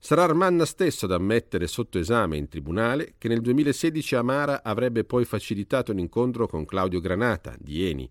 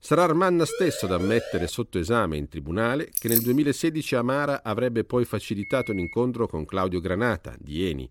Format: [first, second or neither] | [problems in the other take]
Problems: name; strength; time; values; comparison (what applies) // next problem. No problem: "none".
first | siren; noticeable; from 0.5 to 1.5 s; peak 8 dB below the speech // jangling keys; loud; at 3 s; peak 2 dB above the speech // phone ringing; faint; at 5.5 s; peak 10 dB below the speech